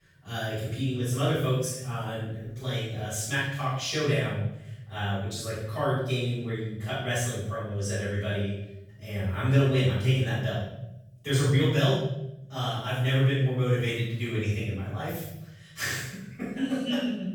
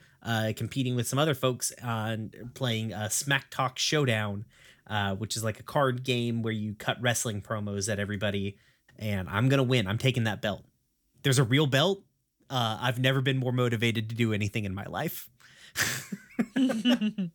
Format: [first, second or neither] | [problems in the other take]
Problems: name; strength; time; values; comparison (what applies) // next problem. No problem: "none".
second | off-mic speech; far // room echo; strong; dies away in 0.9 s